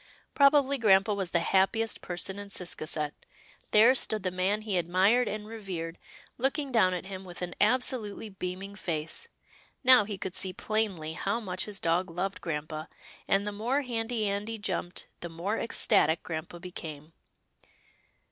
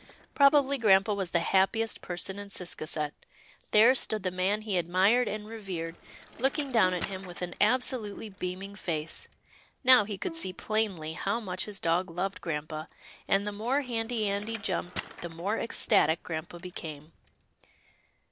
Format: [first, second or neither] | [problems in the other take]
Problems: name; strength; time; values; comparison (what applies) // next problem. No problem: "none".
first | background sound (Bowed string instrument + Bicycle); 19 dB below the speech